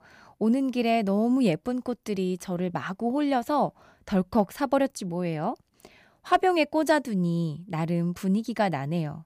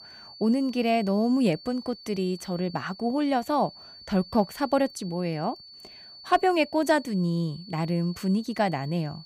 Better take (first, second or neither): first